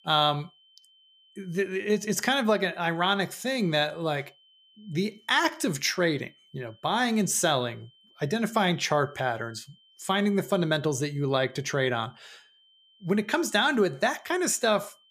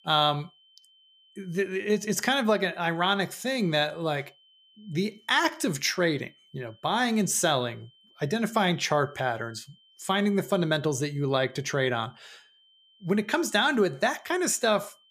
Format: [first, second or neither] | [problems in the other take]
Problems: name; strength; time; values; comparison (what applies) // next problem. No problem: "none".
neither | high-pitched whine; faint; throughout; 3 kHz, 30 dB below the speech; the same in both